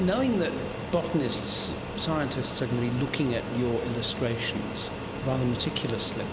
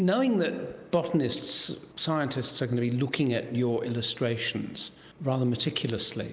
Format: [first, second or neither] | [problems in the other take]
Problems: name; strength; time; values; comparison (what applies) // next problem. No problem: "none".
second | background sound (Fixed-wing aircraft, airplane); 5 dB below the speech